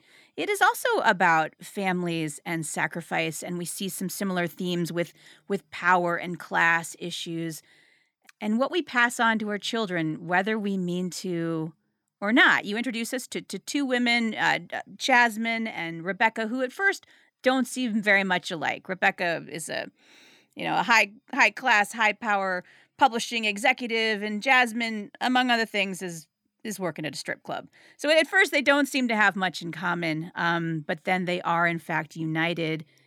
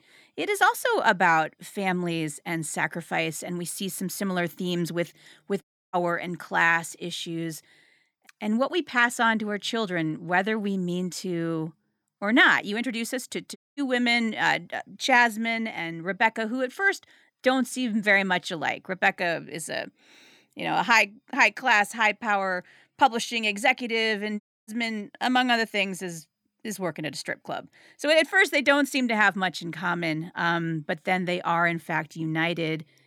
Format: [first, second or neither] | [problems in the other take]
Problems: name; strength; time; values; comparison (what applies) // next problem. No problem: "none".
first | audio cutting out; at 5.5 s, at 14 s and at 24 s